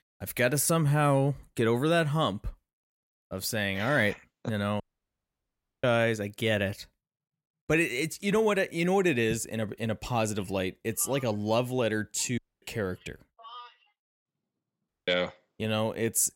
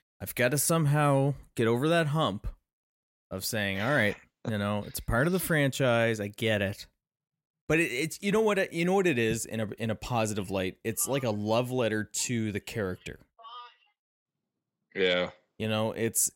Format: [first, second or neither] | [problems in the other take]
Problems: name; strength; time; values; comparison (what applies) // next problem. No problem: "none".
second | audio cutting out; at 5 s for 1 s, at 12 s and at 15 s